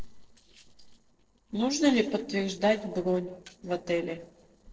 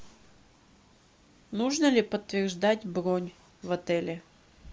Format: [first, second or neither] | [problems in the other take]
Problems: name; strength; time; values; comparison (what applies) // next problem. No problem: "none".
second | noise reduction (neural separator model SepFormer DNS4)